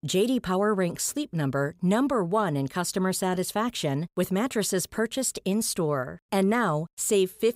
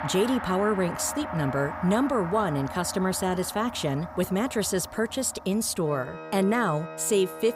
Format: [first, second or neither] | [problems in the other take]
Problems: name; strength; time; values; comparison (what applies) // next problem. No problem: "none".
first | background music; noticeable; throughout; 10 dB below the speech